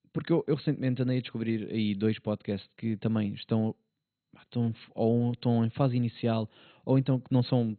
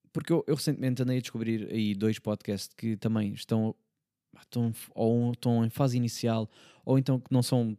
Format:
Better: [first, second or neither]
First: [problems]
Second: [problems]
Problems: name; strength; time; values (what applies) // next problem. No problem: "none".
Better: second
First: garbled, watery; badly; nothing above 4 kHz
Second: none